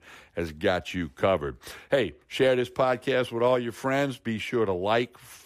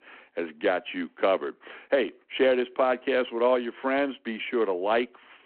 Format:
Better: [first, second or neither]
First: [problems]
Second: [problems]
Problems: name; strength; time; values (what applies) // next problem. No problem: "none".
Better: first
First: none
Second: phone-call audio